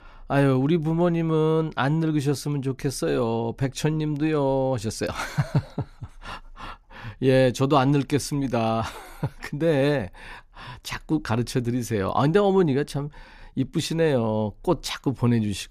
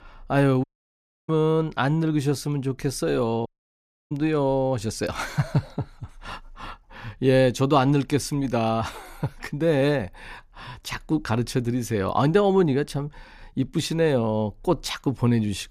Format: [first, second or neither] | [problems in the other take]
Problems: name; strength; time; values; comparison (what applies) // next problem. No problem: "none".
first | audio cutting out; at 0.5 s for 0.5 s and at 3.5 s for 0.5 s